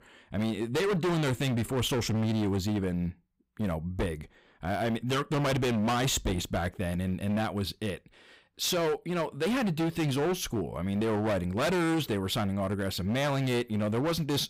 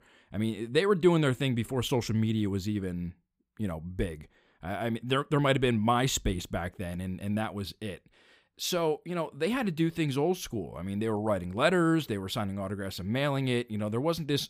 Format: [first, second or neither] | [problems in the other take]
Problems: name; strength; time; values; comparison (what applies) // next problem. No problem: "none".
second | distortion; heavy; 22% of the sound clipped